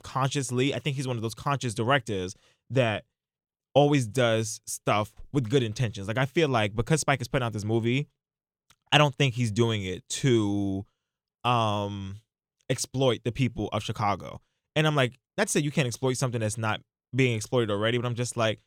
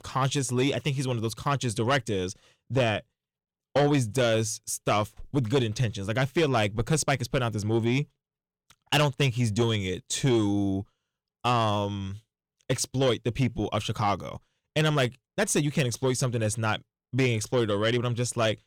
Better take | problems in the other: first | distortion; slight; 10 dB below the speech

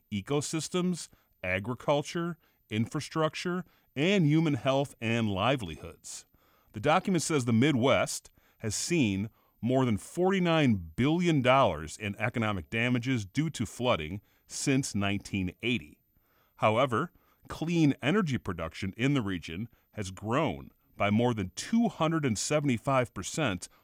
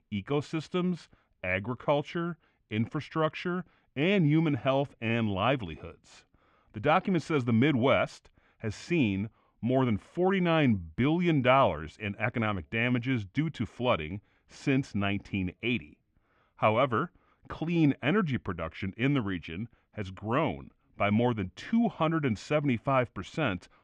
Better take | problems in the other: first | muffled; slightly; fading above 2.5 kHz

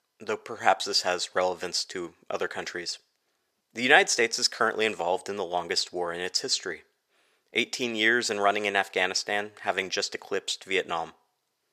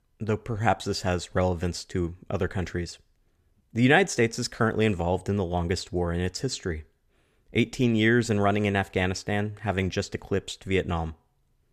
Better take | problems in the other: second | thin; very; fading below 550 Hz

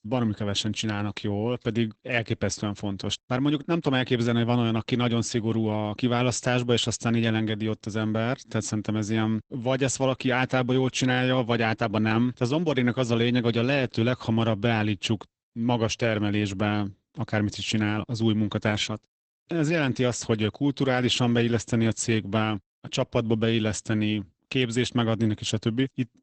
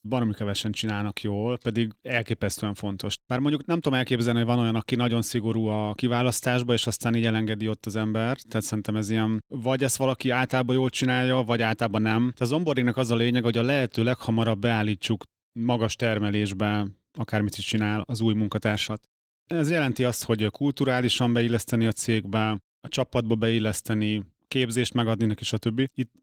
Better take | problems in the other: second | garbled, watery; badly; nothing above 8 kHz; slightly in the second

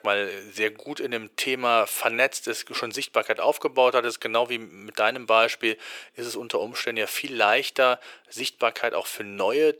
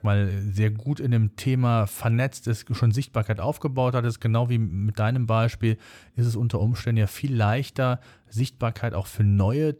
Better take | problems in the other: second | thin; very; fading below 400 Hz

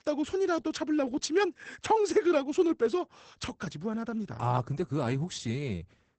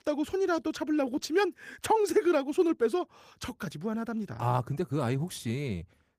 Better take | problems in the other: second | garbled, watery; badly; nothing above 8 kHz; slightly in the second

